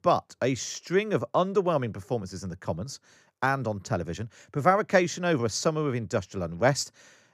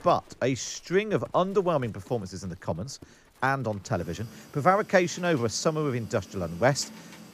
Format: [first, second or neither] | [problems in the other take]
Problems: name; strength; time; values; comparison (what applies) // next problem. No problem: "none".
first | animal sounds; faint; throughout; 20 dB below the speech